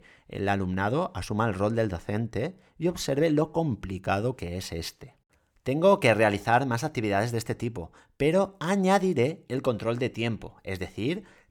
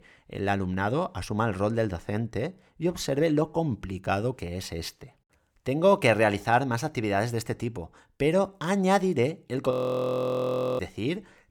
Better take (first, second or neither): first